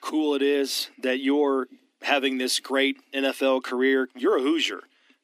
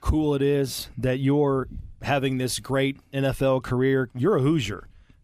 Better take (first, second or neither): second